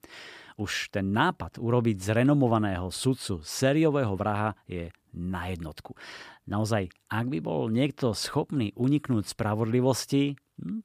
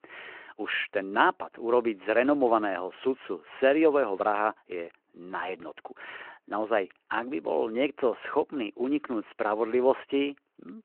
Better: first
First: none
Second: phone-call audio

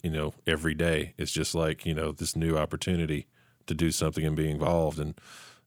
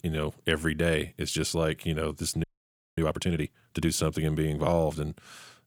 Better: first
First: none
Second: audio freezing; at 2.5 s for 0.5 s

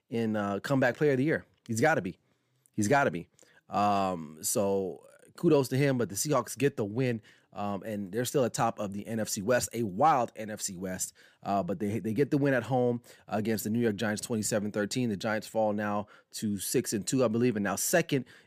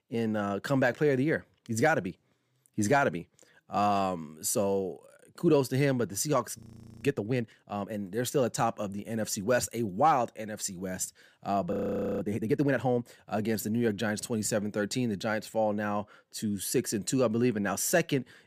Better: first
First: none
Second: audio freezing; at 6.5 s and at 12 s

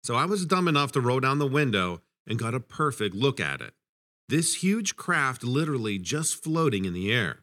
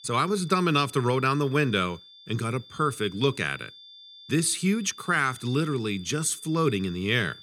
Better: first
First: none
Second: high-pitched whine; faint; throughout; 3.5 kHz, 20 dB below the speech

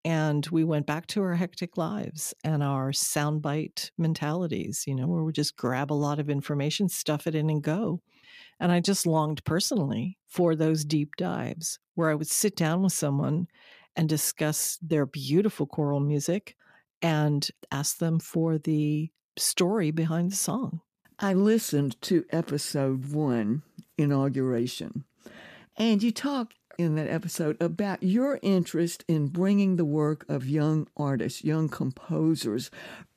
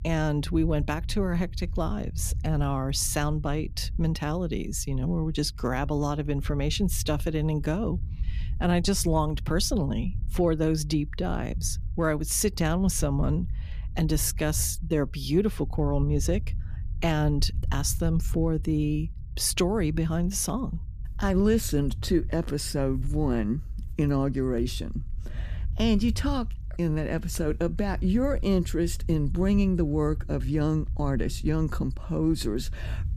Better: first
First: none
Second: low rumble; faint; throughout; 20 dB below the speech

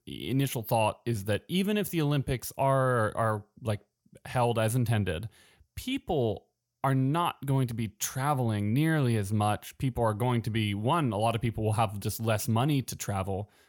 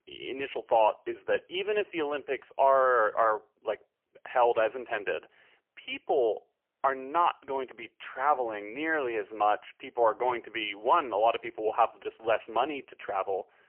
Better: first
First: none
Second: phone-call audio; poor line; nothing above 3 kHz

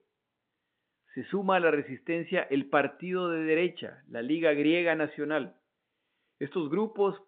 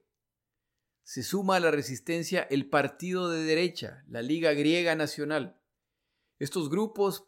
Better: second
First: phone-call audio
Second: none

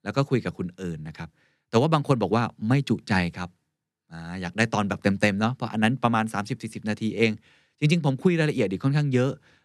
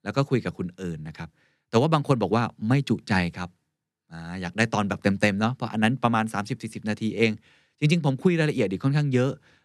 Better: neither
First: none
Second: none

